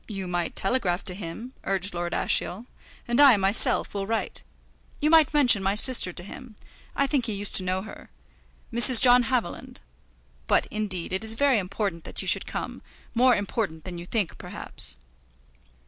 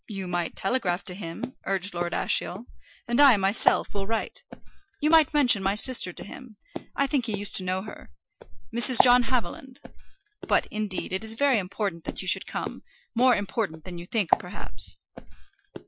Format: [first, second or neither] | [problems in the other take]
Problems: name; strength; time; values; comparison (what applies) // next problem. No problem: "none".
first | noise reduction (classical method Wiener filter)